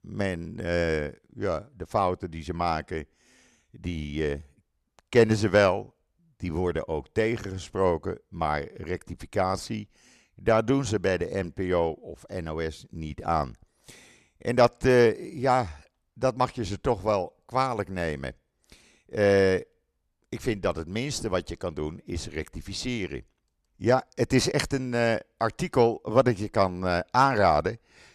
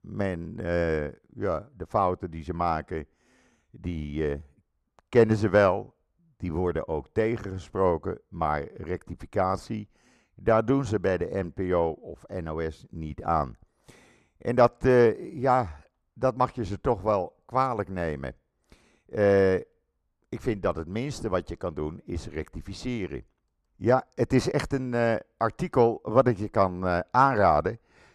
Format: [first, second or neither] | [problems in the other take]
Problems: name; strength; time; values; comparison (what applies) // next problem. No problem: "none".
first | muffled; slightly; fading above 2 kHz